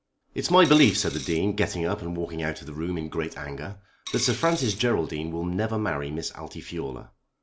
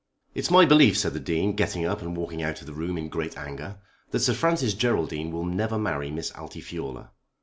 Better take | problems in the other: second | background sound (Coin (dropping)); 12 dB below the speech

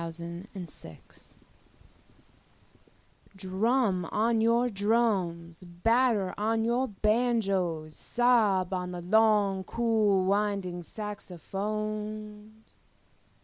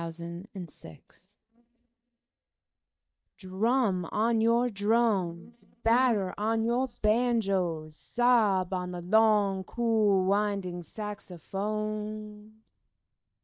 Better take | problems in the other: first | noise reduction (neural mask model DeepFilterNet 3)

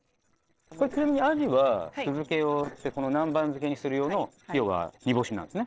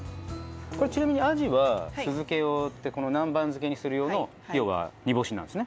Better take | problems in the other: second | noise reduction (neural separator model SepFormer DNS4)

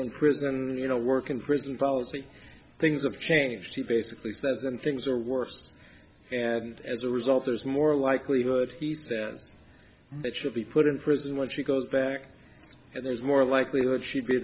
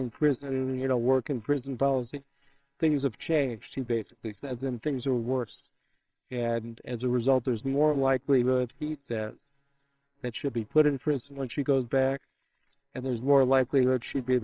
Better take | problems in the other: first | noise reduction (neural separator model SepFormer WHAMR!)

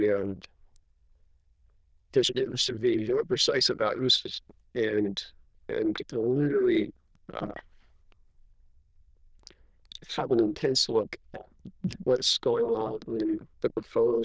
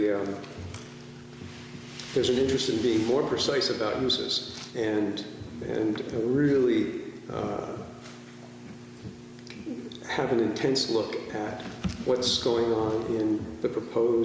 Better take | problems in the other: second | noise reduction (neural diffusion model UNIVERSE++)

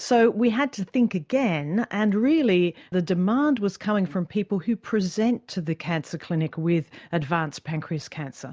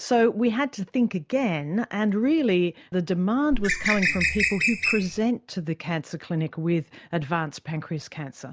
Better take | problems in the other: first | background sound (Bird); as loud as the speech

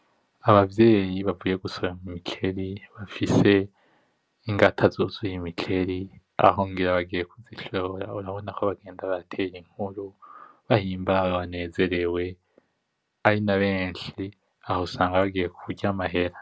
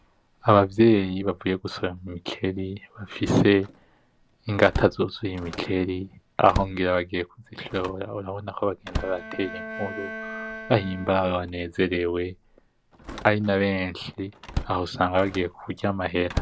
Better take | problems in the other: first | background sound (Bowed string instrument + Slam); 13 dB below the speech

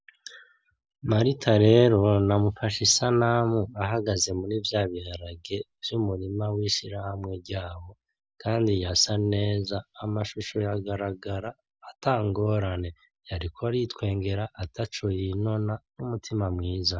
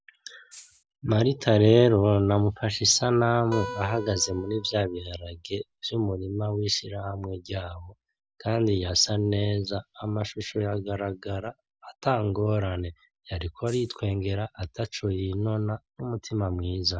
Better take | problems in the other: first | background sound (Acoustic guitar + Rattle (instrument)); 14 dB below the speech

